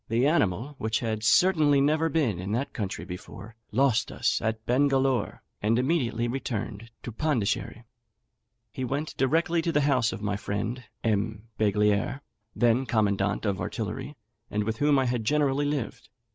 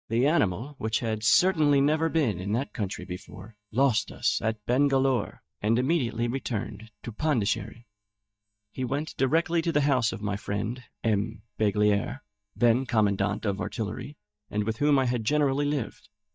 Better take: first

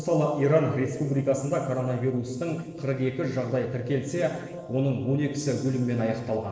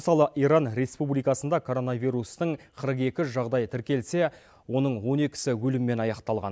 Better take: second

